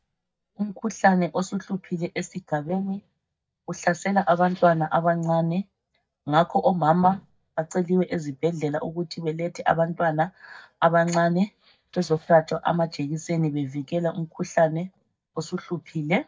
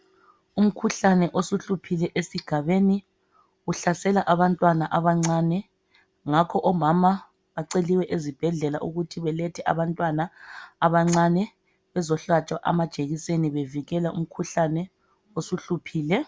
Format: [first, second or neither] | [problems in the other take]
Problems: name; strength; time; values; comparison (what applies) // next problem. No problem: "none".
second | noise reduction (neural mask model DeepFilterNet 3)